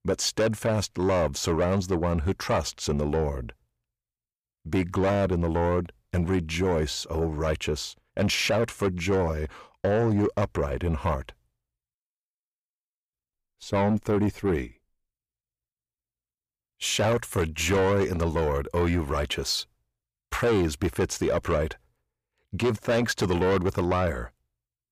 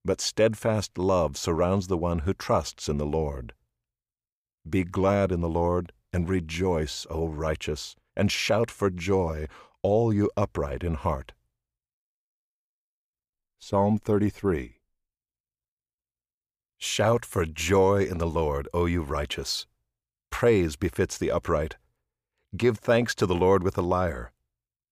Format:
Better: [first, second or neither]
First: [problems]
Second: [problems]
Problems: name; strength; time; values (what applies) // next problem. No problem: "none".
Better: second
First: distortion; slight; 10 dB below the speech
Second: none